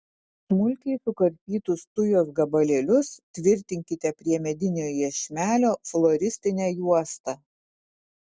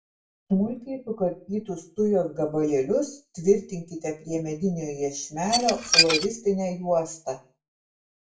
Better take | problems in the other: first | background sound (Dishes, pots, and pans / Glass); 3 dB above the speech // room echo; dies away in 0.3 s

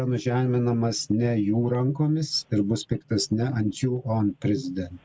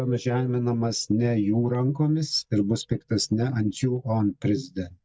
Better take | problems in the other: first | noise reduction (neural mask model DeepFilterNet 3)

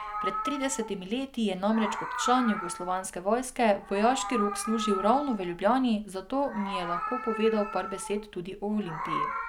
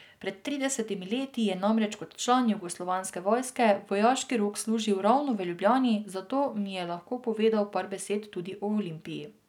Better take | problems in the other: second | background sound (Meow); 7 dB below the speech

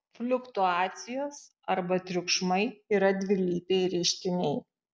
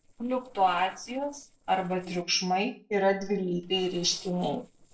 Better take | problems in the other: first | noise reduction (neural separator model SepFormer DNS4)

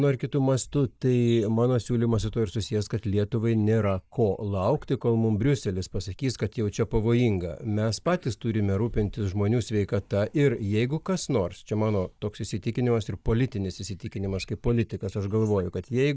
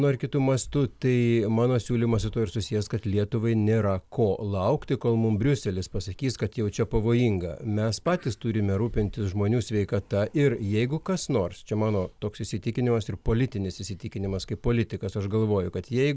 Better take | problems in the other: second | noise reduction (neural mask model DeepFilterNet 3)

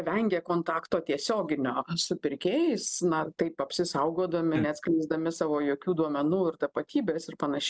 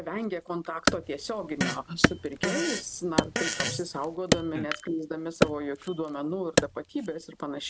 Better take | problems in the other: first | background sound (Wood + Fart); 2 dB above the speech

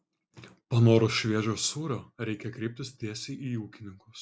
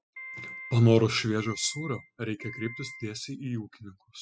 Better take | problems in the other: first | noise reduction (classical method spectral subtraction)

